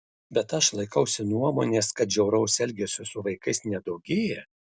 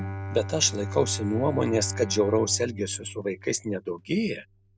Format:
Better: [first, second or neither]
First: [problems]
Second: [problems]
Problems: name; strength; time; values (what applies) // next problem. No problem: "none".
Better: first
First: none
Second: background sound (Bowed string instrument); 9 dB below the speech